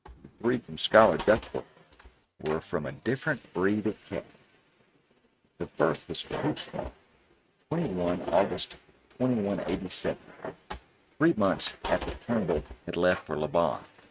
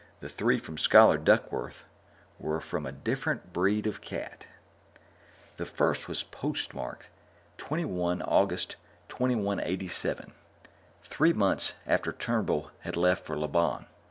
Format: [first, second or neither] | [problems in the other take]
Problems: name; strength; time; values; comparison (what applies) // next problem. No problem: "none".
second | noise reduction (neural mask model RNNoise)